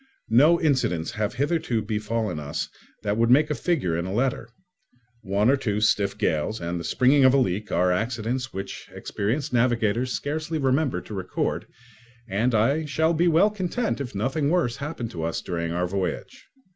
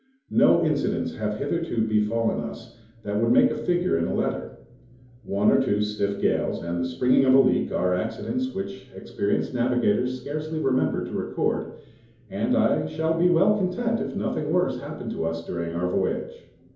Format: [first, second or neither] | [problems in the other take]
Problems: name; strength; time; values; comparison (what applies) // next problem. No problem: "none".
first | room echo; dies away in 2.8 s